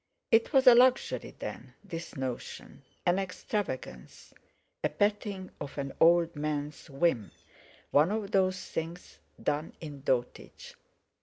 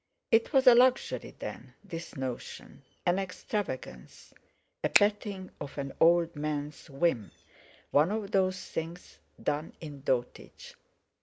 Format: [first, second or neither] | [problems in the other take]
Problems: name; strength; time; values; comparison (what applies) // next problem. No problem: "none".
first | background sound (Finger snapping); 1 dB above the speech